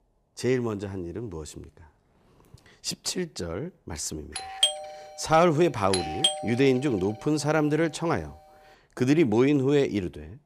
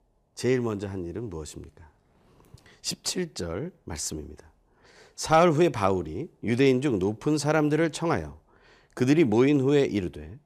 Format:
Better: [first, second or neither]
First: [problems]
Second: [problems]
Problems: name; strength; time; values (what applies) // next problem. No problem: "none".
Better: second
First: doorbell; loud; from 4.5 to 6.5 s; peak 2 dB above the speech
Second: none